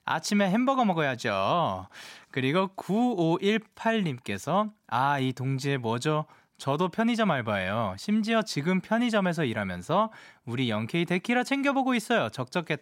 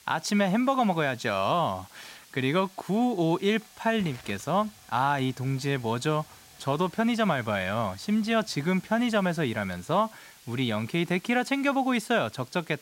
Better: first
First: none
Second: hiss; faint; throughout; 25 dB below the speech

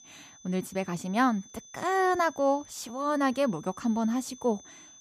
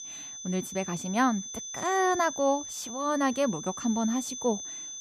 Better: first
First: high-pitched whine; faint; throughout; 6 kHz, 20 dB below the speech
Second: high-pitched whine; loud; throughout; 6 kHz, 8 dB below the speech

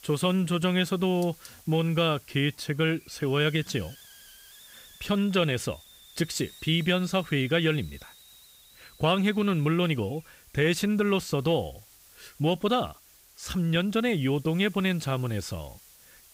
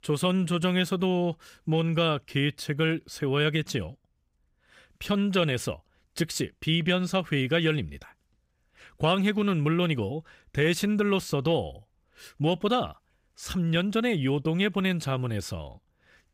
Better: second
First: hiss; faint; throughout; 25 dB below the speech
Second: none

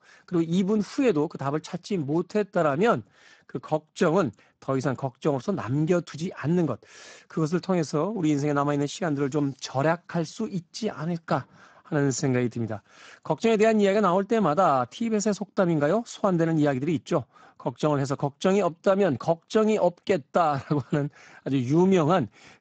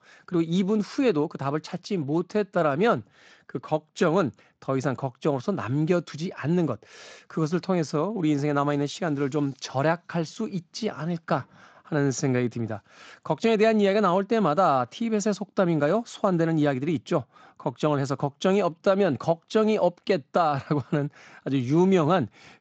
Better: second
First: garbled, watery; badly; nothing above 7.5 kHz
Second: garbled, watery; slightly; nothing above 7.5 kHz

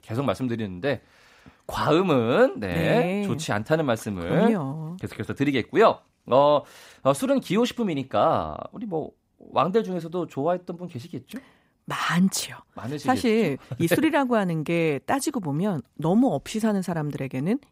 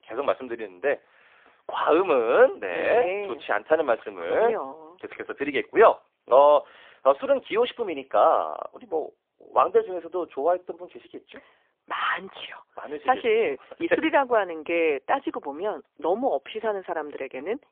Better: first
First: none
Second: phone-call audio; poor line

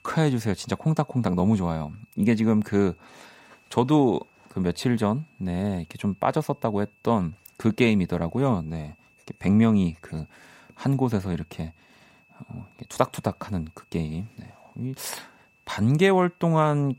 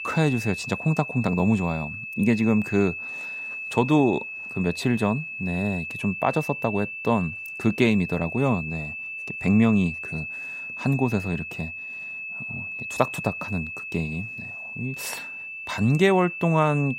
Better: first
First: high-pitched whine; faint; throughout; 2.5 kHz, 35 dB below the speech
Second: high-pitched whine; loud; throughout; 2.5 kHz, 8 dB below the speech

